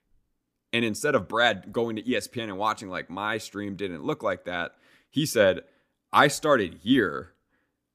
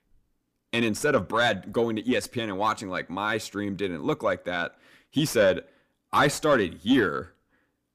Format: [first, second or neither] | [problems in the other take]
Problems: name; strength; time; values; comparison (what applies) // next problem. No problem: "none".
first | distortion; slight; 10 dB below the speech